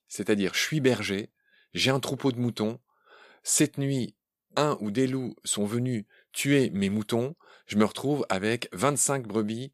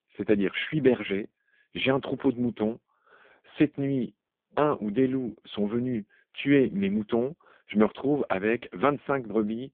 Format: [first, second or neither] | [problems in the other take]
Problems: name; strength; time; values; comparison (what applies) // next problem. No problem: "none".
first | phone-call audio; poor line; nothing above 3.5 kHz